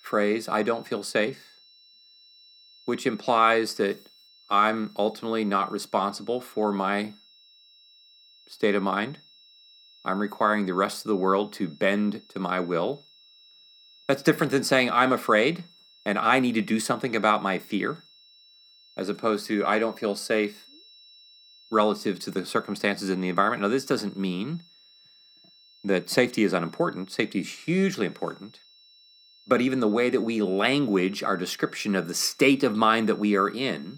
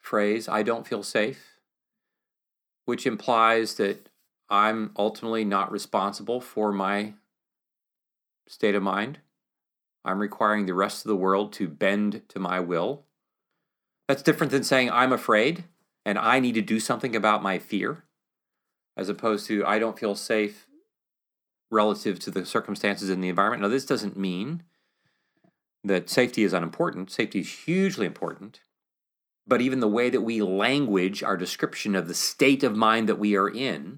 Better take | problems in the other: second | high-pitched whine; faint; throughout; 4 kHz, 25 dB below the speech

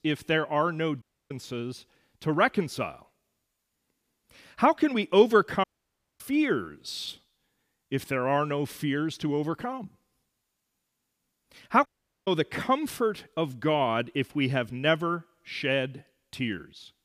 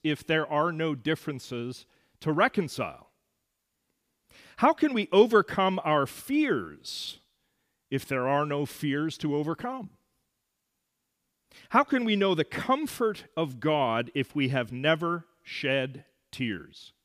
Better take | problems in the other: second | audio cutting out; at 1 s, at 5.5 s for 0.5 s and at 12 s

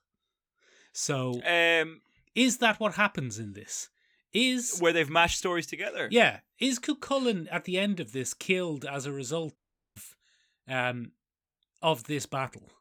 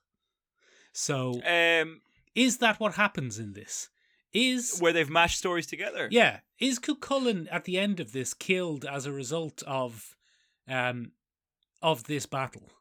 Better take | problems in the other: second | audio cutting out; at 9.5 s

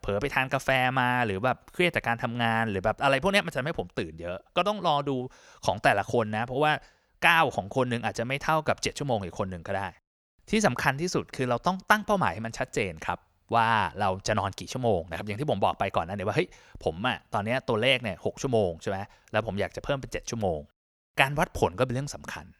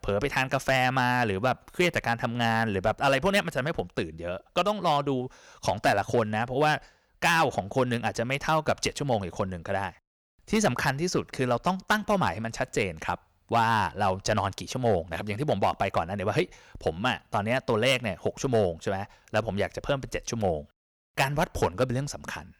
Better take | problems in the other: first | distortion; slight; 2% of the sound clipped

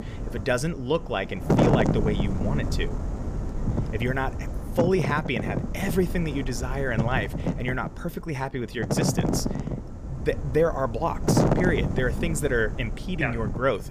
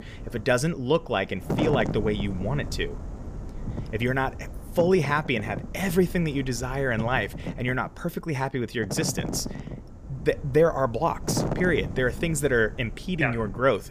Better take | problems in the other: second | wind noise on the microphone; heavy; 4 dB below the speech; occasional gusts in the second

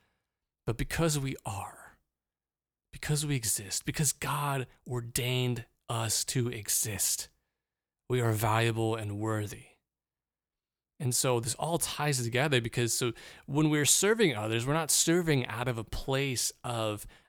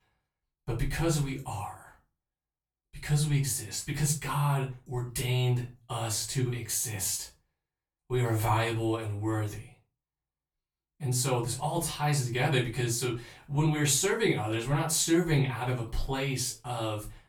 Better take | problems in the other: first | off-mic speech; far // room echo; slight; dies away in 0.3 s

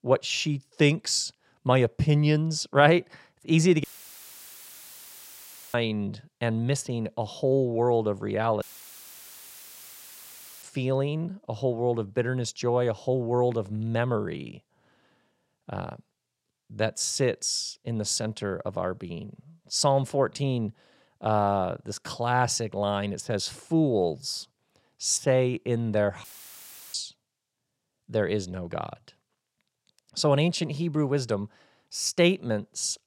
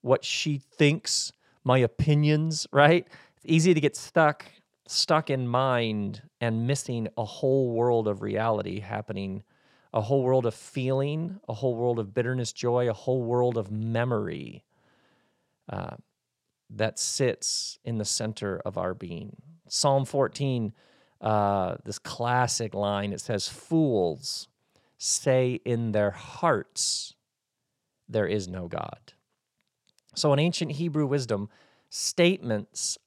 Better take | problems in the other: second | audio cutting out; filled with static; at 4 s for 2 s, at 8.5 s for 2 s and at 26 s for 0.5 s

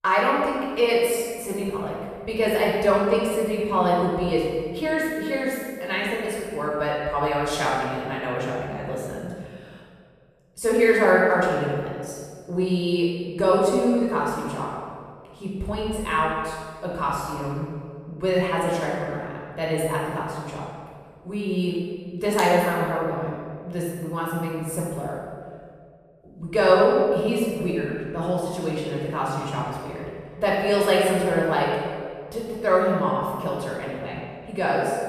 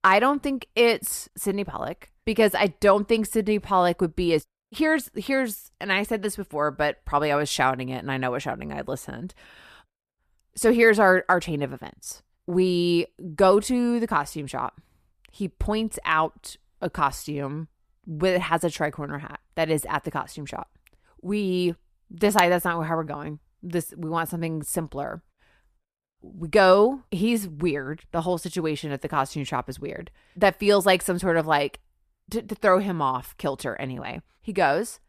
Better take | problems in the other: second | off-mic speech; far // room echo; strong; dies away in 1.6 s

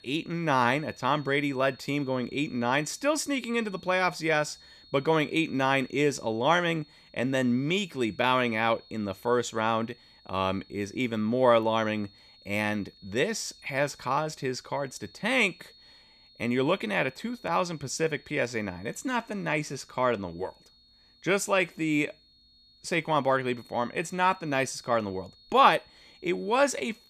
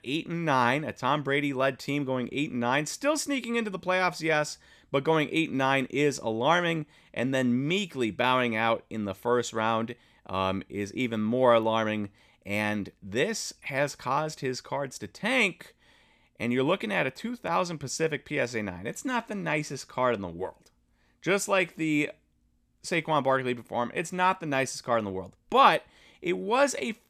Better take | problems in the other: second | high-pitched whine; faint; throughout; 4.5 kHz, 25 dB below the speech

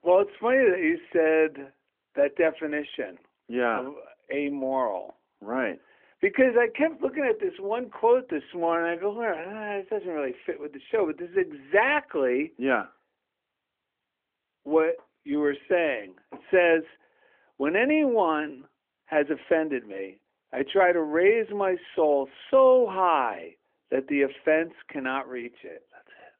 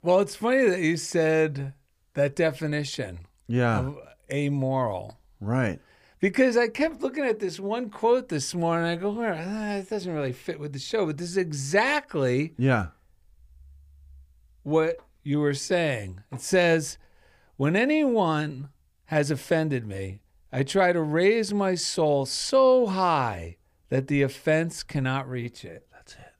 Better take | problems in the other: second | phone-call audio

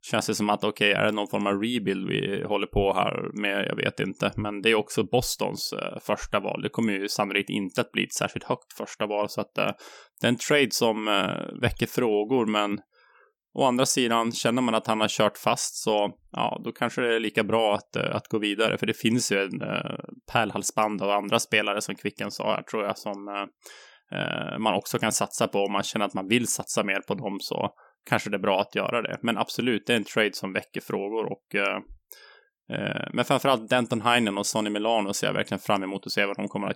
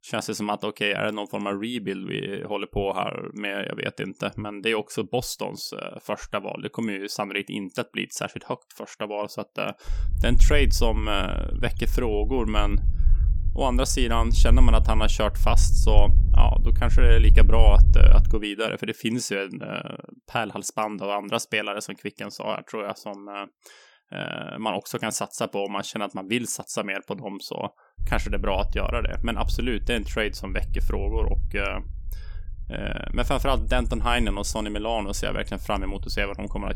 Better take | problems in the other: first | low rumble; noticeable; from 10 to 18 s and from 28 s on; 20 dB below the speech

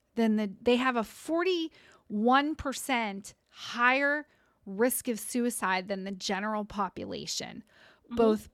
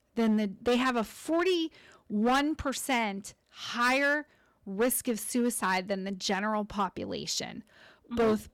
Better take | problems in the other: first | distortion; slight; 6% of the sound clipped

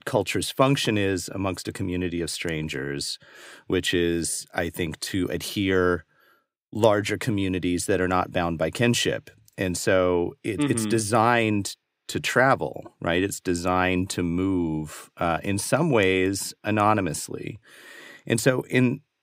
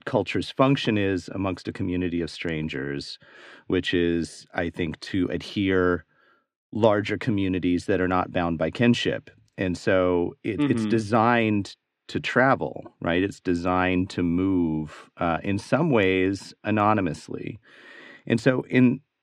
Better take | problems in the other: first | muffled; slightly; fading above 3.5 kHz

